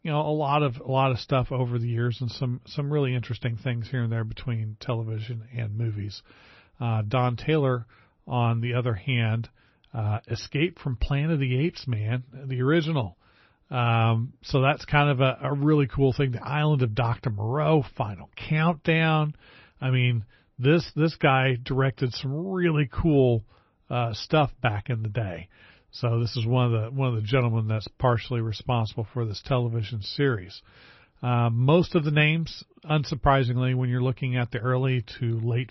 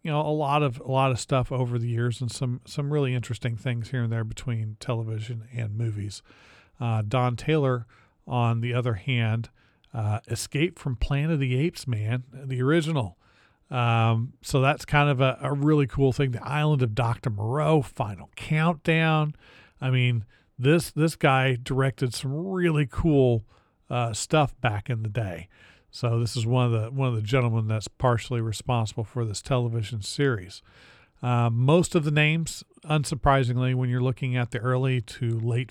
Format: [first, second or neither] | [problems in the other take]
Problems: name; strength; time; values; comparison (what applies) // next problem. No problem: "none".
second | garbled, watery; slightly; nothing above 5.5 kHz